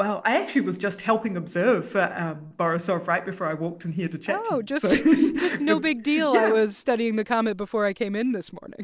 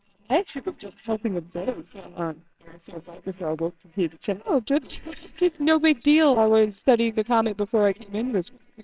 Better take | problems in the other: first | noise reduction (neural separator model SepFormer WHAMR!)

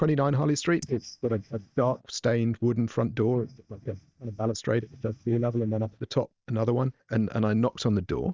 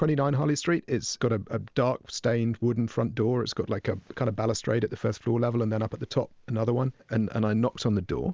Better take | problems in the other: second | noise reduction (neural mask model DeepFilterNet 3)

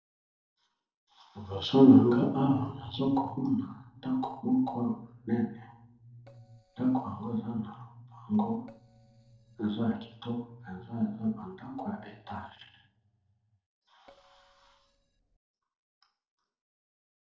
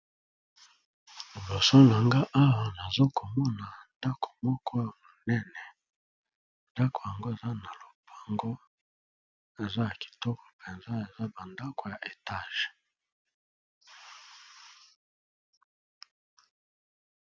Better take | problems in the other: second | noise reduction (neural separator model SepFormer DNS4)

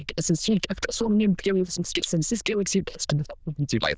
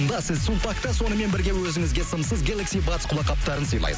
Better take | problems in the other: second | noise reduction (neural diffusion model UNIVERSE++)

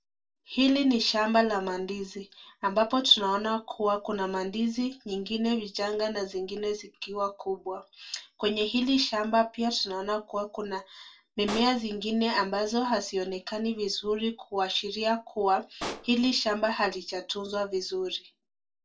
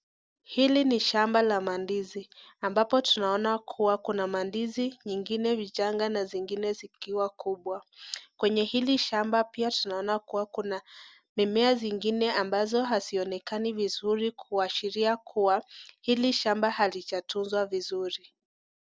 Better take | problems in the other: second | background sound (Explosion); 14 dB below the speech // room echo; dies away in 0.2 s

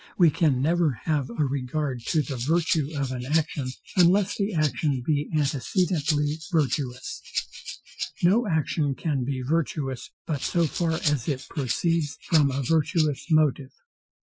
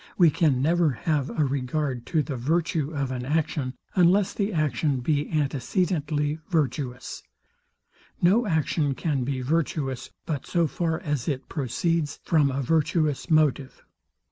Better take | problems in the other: second | noise reduction (classical method Wiener filter)

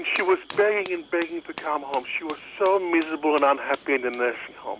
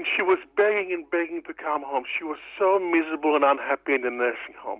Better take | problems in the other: second | background sound (Fire); 19 dB below the speech

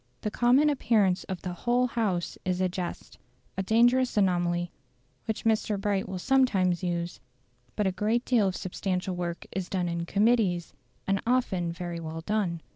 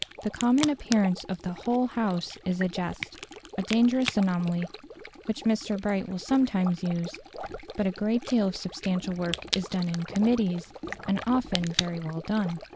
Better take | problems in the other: first | background sound (Crack + Stream); 11 dB below the speech

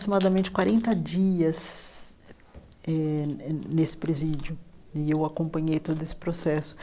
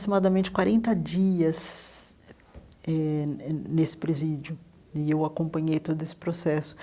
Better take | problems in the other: second | background sound (Chewing, mastication); 16 dB below the speech

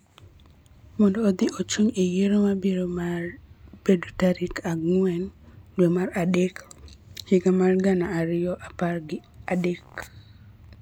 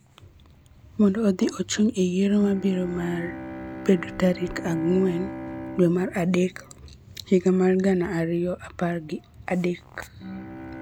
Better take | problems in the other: first | background sound (Bowed string instrument); 15 dB below the speech

